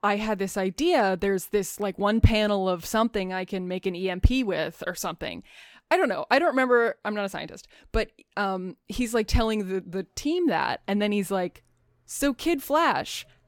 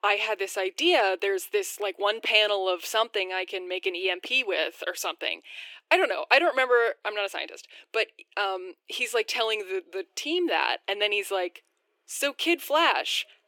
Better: first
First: none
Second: thin; very; fading below 350 Hz

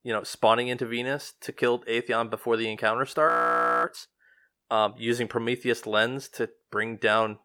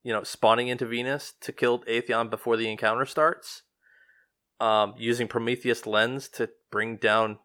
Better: second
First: audio freezing; at 3.5 s for 0.5 s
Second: none

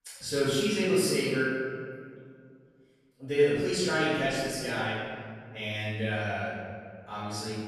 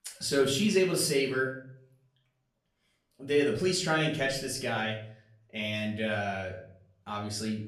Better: second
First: room echo; strong; dies away in 1.8 s // off-mic speech; far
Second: room echo; slight; dies away in 0.5 s // off-mic speech; far

